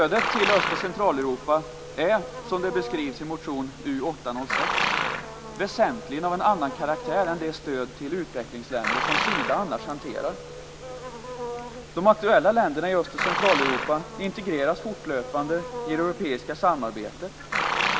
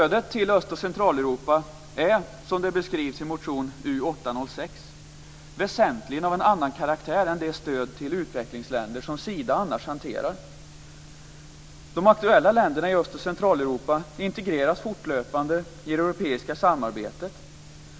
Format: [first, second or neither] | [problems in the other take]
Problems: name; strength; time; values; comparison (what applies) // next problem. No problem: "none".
second | background sound (Livestock, farm animals, working animals); 5 dB below the speech